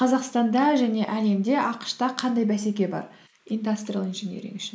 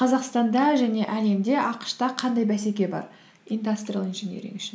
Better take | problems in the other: second | noise reduction (neural mask model Resemble Enhance denoiser)

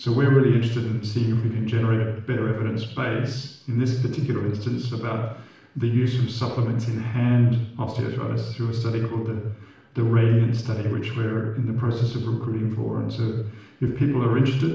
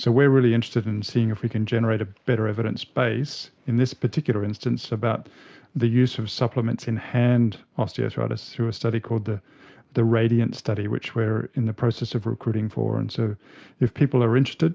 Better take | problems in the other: second | room echo; dies away in 0.7 s

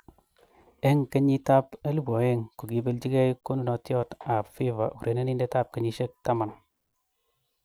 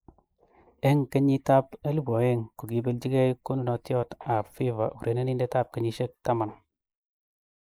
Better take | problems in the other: first | noise reduction (neural mask model Resemble Enhance denoiser)

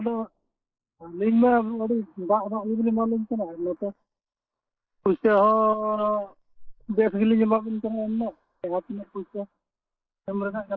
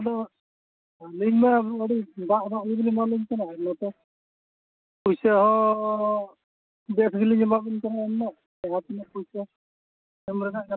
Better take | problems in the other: second | noise reduction (neural mask model Resemble Enhance denoiser)

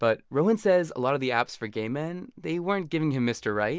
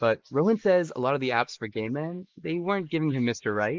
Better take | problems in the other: first | noise reduction (neural mask model Resemble Enhance denoiser)

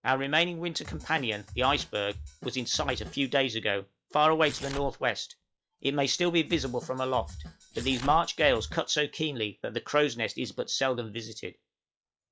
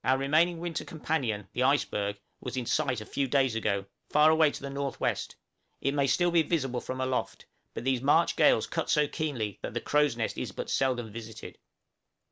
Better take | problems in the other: second | noise reduction (classical method log-MMSE)

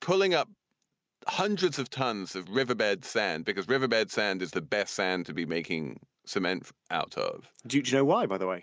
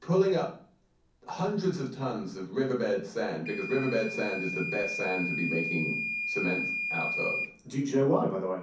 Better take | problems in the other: first | background sound (Microwave oven / Alarm); 6 dB below the speech // room echo; dies away in 0.6 s

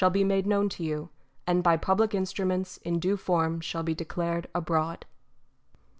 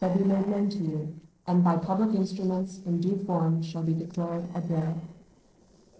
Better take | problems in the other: first | noise reduction (neural separator model SepFormer DNS4)

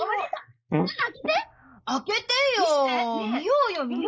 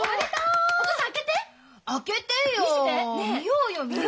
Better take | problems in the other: second | noise reduction (neural mask model Resemble Enhance denoiser)

